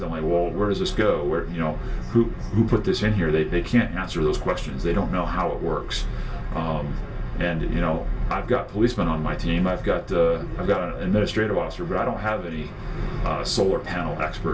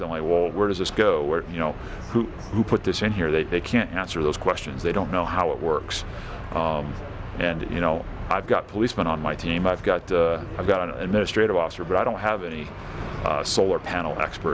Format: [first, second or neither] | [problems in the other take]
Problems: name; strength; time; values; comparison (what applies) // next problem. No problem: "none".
second | room echo; dies away in 0.2 s